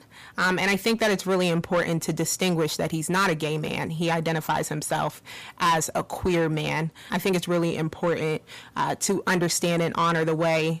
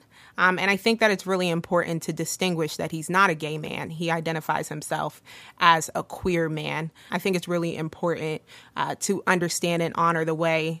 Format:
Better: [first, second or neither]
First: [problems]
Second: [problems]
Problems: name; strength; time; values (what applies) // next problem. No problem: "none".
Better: second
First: distortion; heavy; 7 dB below the speech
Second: none